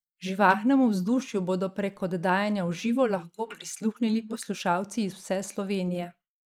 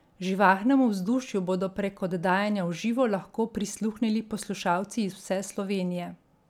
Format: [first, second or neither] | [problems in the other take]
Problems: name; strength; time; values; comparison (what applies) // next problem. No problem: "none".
second | noise reduction (neural mask model Resemble Enhance denoiser)